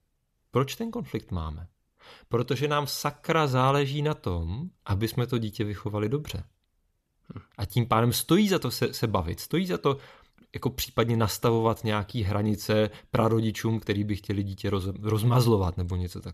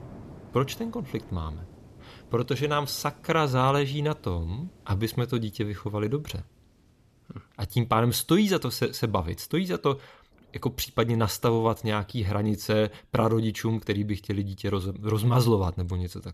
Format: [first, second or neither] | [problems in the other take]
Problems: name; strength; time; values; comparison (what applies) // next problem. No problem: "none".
first | rain or running water; faint; throughout; 25 dB below the speech